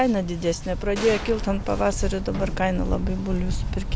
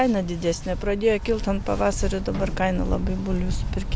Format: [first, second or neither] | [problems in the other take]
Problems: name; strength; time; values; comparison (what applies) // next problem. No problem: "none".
second | background sound (Gunshot, gunfire); 14 dB below the speech